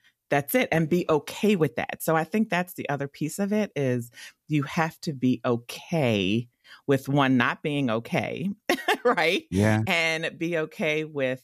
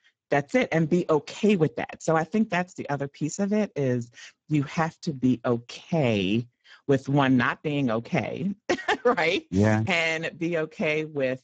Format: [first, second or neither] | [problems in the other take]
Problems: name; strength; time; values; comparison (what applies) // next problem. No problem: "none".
first | garbled, watery; badly; nothing above 7.5 kHz